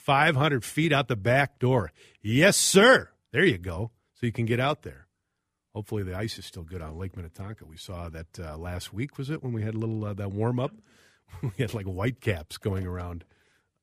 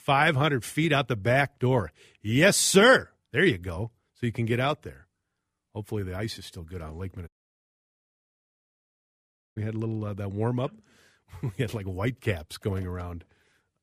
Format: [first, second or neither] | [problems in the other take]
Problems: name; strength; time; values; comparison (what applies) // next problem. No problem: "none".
first | audio cutting out; at 7.5 s for 2.5 s